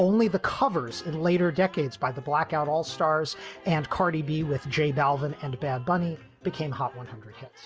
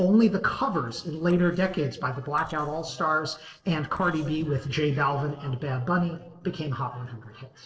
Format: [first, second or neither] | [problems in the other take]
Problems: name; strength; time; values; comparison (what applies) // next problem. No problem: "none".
first | noise reduction (neural separator model SepFormer DNS4)